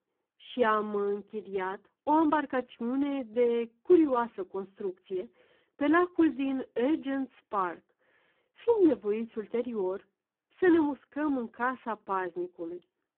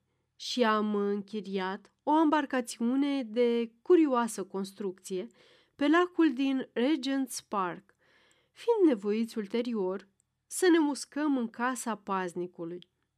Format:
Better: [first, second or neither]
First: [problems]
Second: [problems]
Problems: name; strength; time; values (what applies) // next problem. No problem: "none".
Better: second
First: phone-call audio; poor line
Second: none